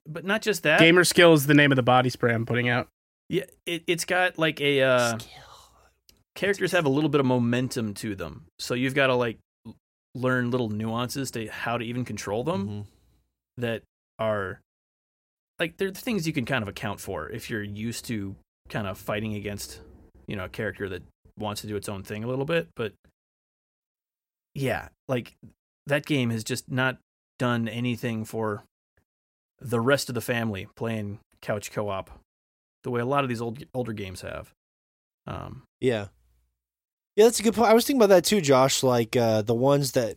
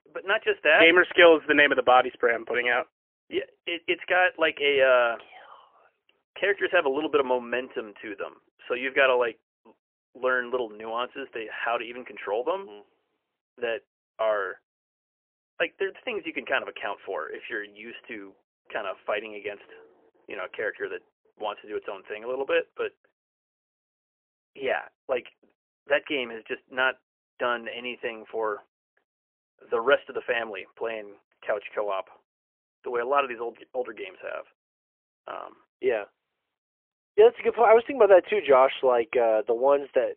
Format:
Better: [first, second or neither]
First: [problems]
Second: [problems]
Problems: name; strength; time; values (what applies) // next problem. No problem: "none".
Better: first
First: none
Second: phone-call audio; poor line; nothing above 3 kHz